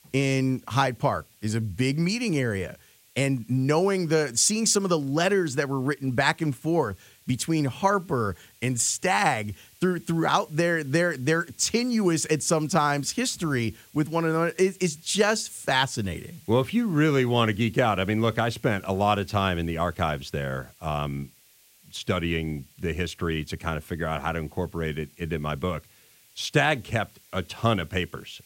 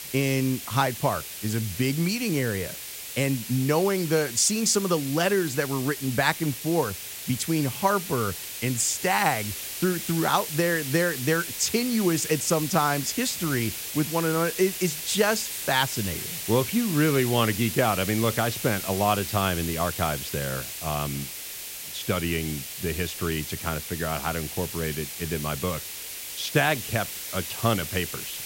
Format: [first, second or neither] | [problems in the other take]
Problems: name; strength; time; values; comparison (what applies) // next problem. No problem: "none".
first | hiss; loud; throughout; 6 dB below the speech; faint in the first